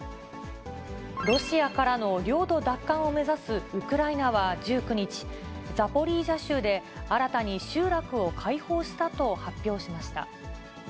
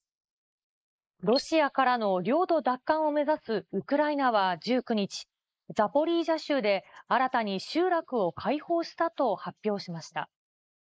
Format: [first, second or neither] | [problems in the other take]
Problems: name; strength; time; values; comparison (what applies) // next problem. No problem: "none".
first | noise reduction (neural mask model Resemble Enhance denoiser)